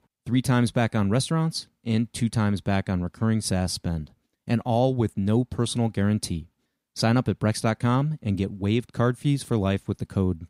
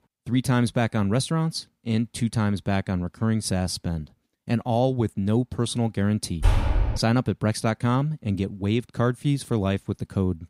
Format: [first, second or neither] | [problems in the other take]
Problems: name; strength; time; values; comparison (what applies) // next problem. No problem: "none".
first | door banging; loud; at 6.5 s; peak 2 dB above the speech